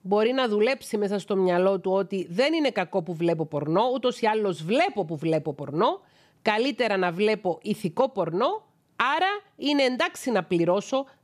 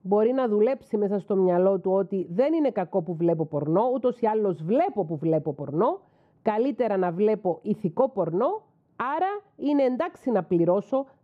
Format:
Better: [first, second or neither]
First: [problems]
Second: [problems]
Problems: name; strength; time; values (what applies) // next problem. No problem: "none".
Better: first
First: none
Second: muffled; very; fading above 1.5 kHz